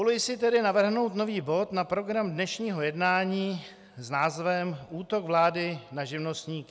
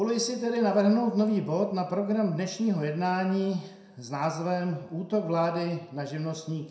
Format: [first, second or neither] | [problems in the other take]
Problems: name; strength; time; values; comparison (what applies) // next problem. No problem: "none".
first | room echo; dies away in 0.5 s